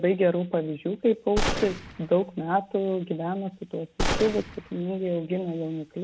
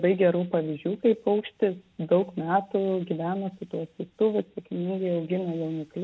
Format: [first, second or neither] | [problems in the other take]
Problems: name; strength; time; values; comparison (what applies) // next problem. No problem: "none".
second | background sound (Gunshot, gunfire); 4 dB below the speech